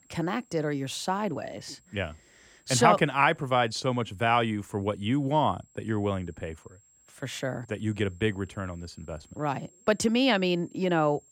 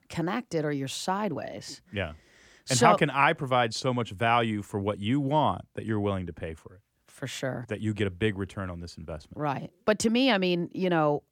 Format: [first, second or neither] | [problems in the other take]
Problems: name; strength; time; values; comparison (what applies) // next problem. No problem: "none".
second | high-pitched whine; faint; throughout; 7.5 kHz, 30 dB below the speech